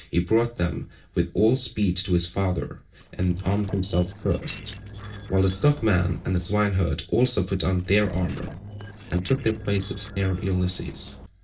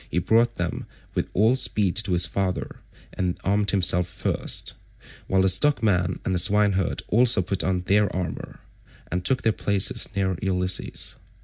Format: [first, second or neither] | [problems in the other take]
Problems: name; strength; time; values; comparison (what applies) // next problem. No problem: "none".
second | noise reduction (neural separator model SepFormer DNS4)